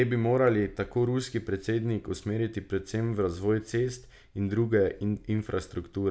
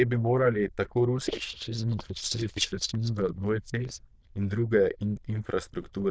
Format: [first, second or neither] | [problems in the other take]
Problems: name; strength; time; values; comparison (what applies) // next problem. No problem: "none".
first | noise reduction (neural diffusion model UNIVERSE++)